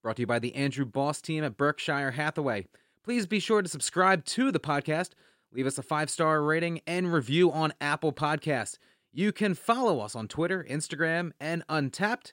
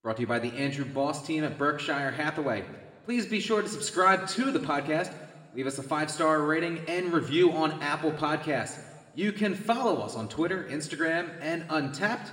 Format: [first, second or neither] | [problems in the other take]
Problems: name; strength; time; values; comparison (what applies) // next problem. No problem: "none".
first | room echo; slight; dies away in 1.3 s